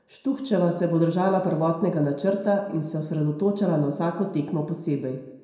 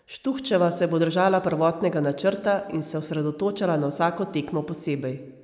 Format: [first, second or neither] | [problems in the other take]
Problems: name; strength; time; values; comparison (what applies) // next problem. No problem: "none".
second | room echo; dies away in 0.6 s